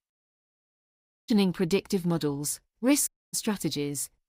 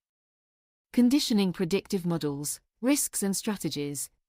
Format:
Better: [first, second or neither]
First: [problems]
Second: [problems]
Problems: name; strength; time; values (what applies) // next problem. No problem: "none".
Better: second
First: audio cutting out; at 0.5 s for 0.5 s and at 3 s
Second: none